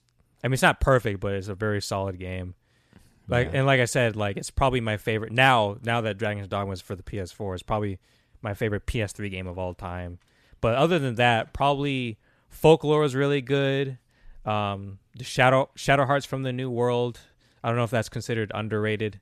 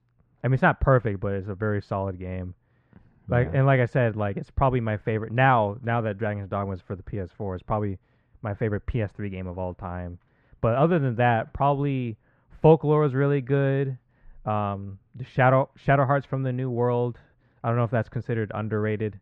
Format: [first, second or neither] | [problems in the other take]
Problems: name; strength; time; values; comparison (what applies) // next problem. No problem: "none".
first | muffled; very; fading above 1.5 kHz